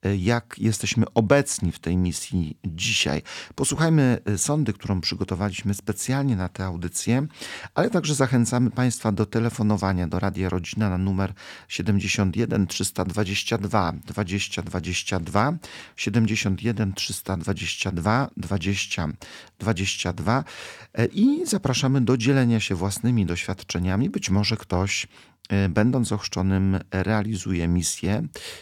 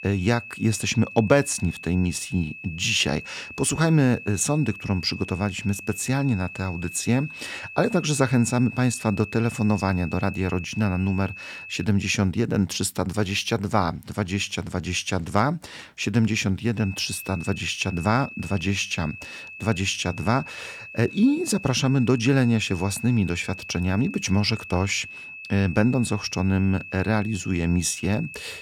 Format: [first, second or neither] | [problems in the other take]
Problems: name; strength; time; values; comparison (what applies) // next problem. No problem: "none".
first | high-pitched whine; noticeable; until 12 s and from 17 s on; 2.5 kHz, 15 dB below the speech